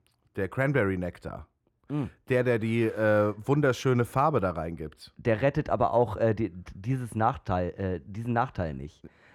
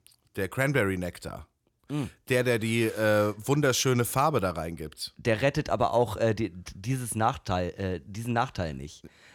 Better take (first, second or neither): second